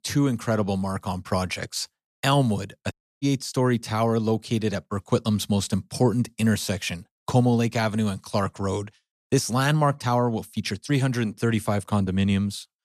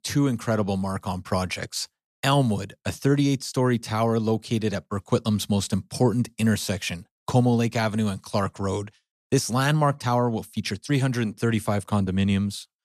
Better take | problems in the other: second | audio cutting out; at 3 s

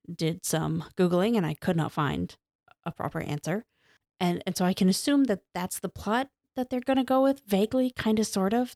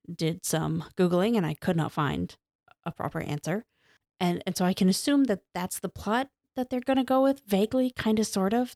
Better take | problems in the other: neither | none

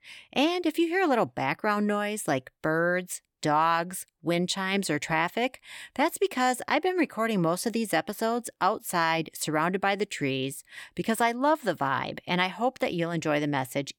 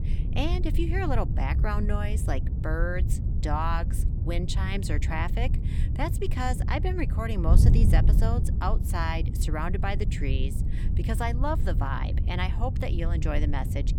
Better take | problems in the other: first | wind noise on the microphone; heavy; 9 dB below the speech

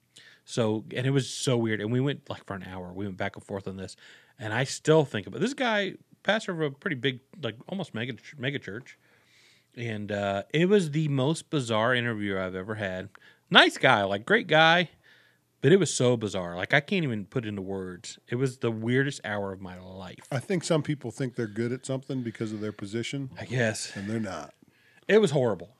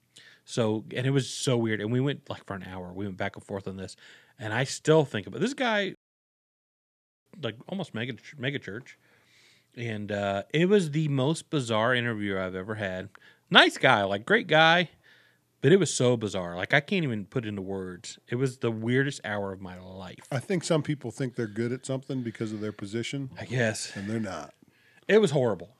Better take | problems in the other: first | audio cutting out; at 6 s for 1.5 s

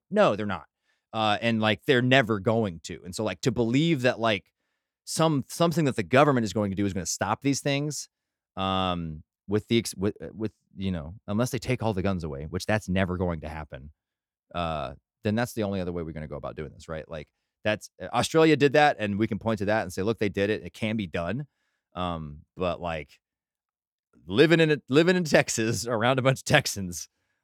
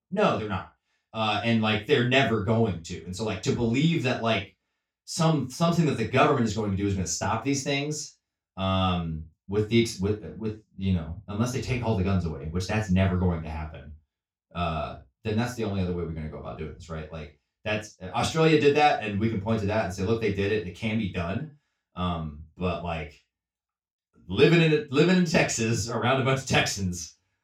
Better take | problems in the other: first | room echo; slight; dies away in 0.2 s // off-mic speech; far

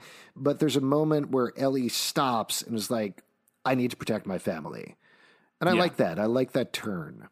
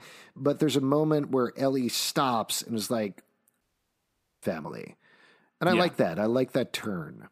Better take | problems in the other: first | audio cutting out; at 3.5 s for 1 s

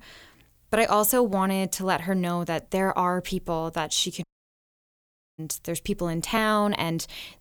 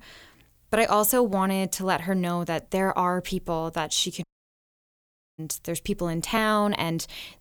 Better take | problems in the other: neither | audio cutting out; at 4 s for 1 s; the same in both

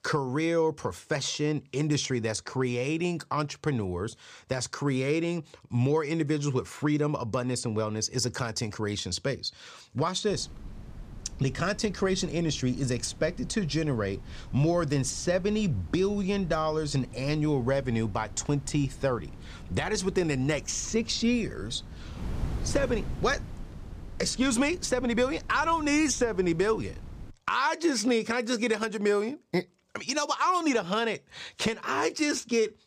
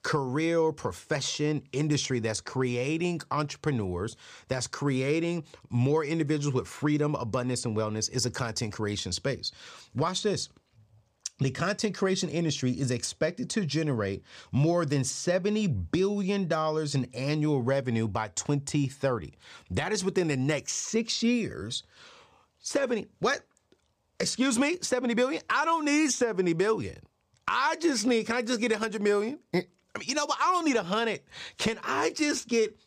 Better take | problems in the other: second | wind noise on the microphone; occasional gusts; from 10 to 27 s; 20 dB below the speech

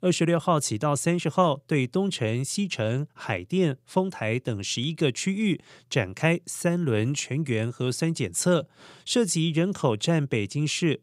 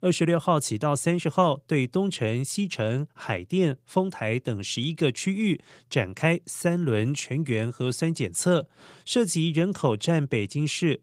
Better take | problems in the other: first | garbled, watery; slightly; nothing above 15.5 kHz

